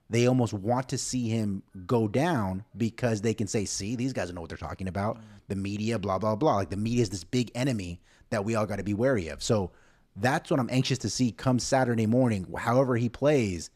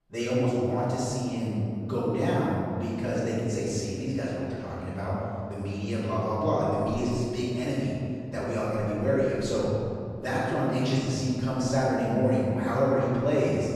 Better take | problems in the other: first | room echo; strong; dies away in 2.4 s // off-mic speech; far

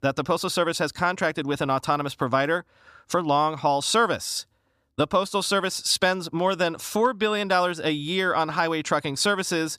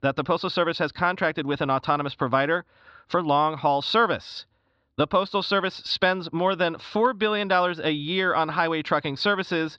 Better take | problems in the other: first | muffled; very slightly; fading above 4 kHz

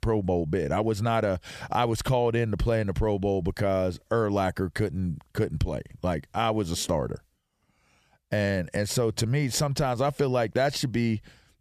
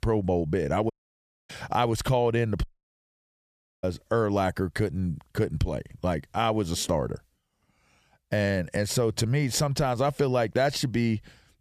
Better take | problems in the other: first | audio cutting out; at 1 s for 0.5 s and at 2.5 s for 1 s

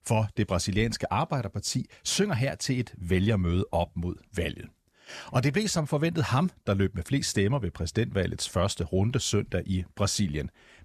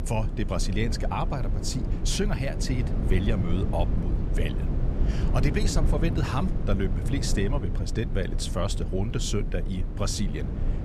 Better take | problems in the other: first | low rumble; loud; throughout; 7 dB below the speech

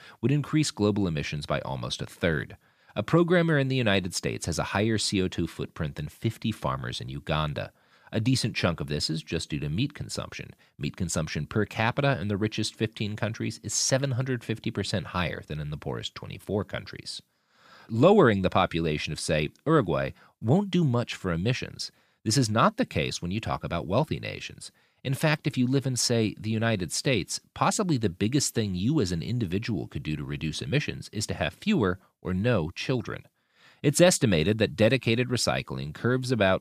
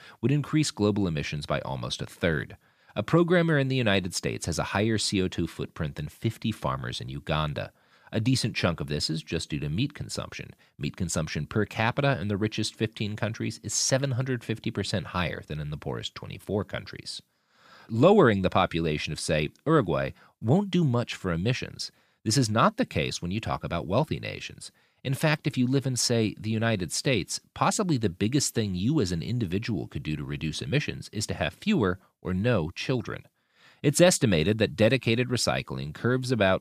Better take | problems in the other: neither | none

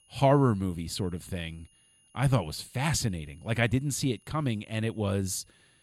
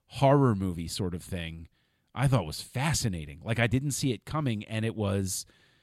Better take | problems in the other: second | high-pitched whine; faint; throughout; 3 kHz, 30 dB below the speech

